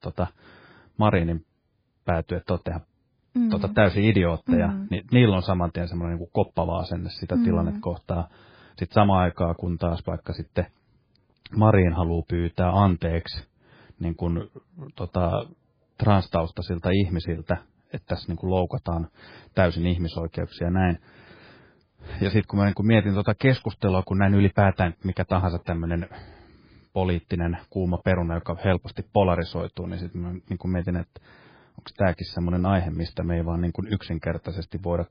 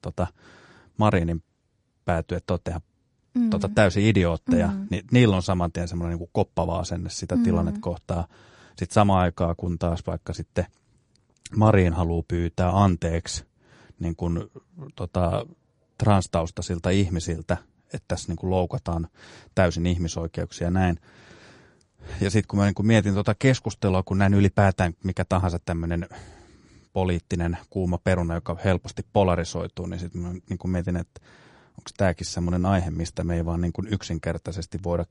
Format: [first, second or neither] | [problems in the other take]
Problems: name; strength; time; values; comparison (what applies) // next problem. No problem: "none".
second | garbled, watery; badly; nothing above 5 kHz; slightly in the second